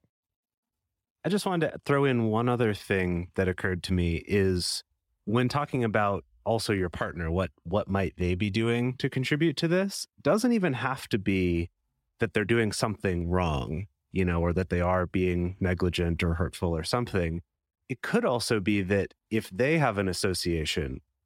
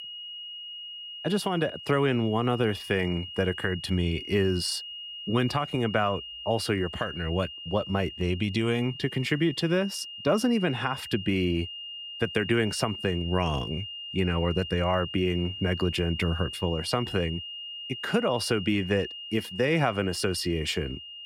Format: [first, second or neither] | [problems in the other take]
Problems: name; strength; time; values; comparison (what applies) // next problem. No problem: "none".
first | high-pitched whine; loud; throughout; 3 kHz, 10 dB below the speech